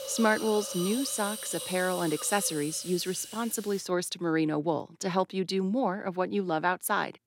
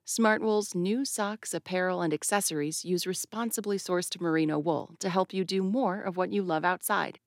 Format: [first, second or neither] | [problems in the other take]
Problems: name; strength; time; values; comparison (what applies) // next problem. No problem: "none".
second | hiss; loud; until 4 s; 8 dB below the speech